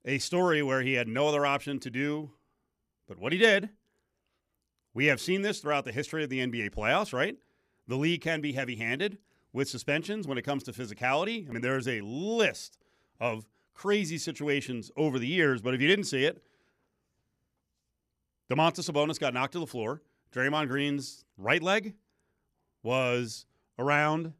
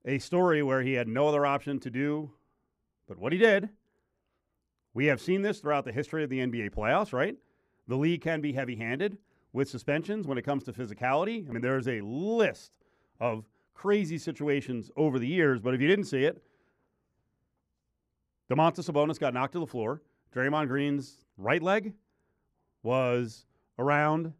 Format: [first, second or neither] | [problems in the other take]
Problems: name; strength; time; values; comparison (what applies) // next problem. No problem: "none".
first | muffled; slightly; fading above 2 kHz